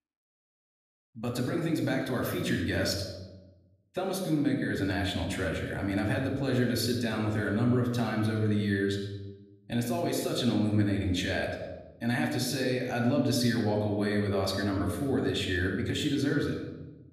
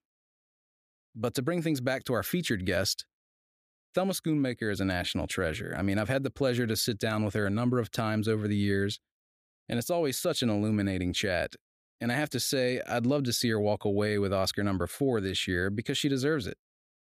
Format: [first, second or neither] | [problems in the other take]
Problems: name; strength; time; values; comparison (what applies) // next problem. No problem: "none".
second | off-mic speech; somewhat distant // room echo; noticeable; dies away in 1 s